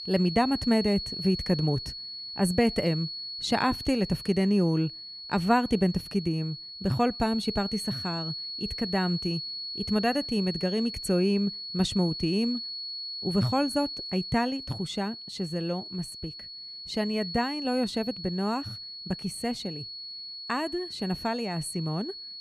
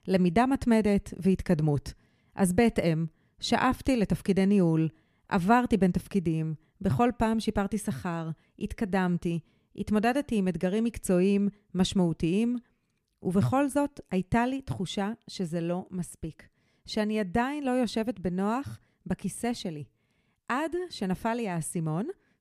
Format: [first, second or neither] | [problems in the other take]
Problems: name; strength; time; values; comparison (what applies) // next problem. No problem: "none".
second | high-pitched whine; loud; throughout; 4.5 kHz, 7 dB below the speech